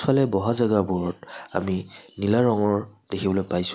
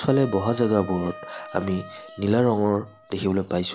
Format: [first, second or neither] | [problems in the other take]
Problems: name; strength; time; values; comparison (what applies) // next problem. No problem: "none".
first | background sound (Wind instrument, woodwind instrument); 17 dB below the speech